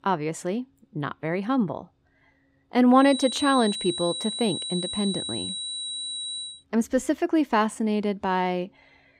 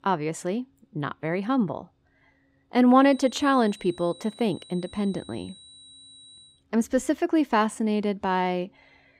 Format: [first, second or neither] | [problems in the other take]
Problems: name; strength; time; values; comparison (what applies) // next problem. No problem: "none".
second | high-pitched whine; loud; from 3 to 6.5 s; 4 kHz, 5 dB below the speech; faint in the second